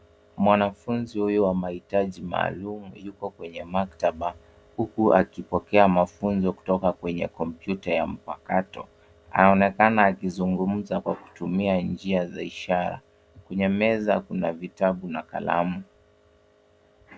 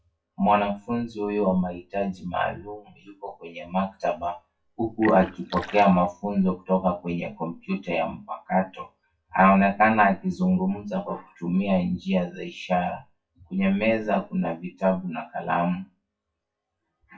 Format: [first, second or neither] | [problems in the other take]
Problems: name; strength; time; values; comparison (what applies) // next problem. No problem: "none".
first | noise reduction (classical method WPE with log-MMSE)